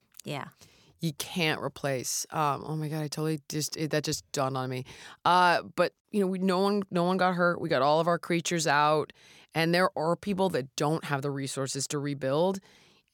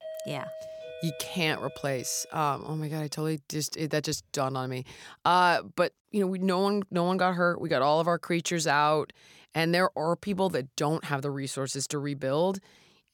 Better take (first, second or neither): first